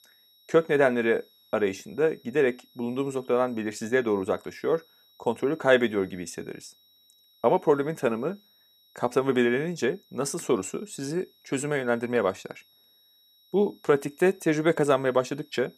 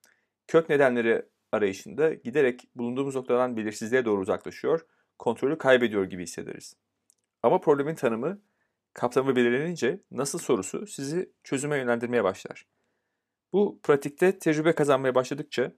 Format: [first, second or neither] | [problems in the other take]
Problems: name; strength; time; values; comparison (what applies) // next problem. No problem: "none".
second | high-pitched whine; faint; throughout; 4 kHz, 30 dB below the speech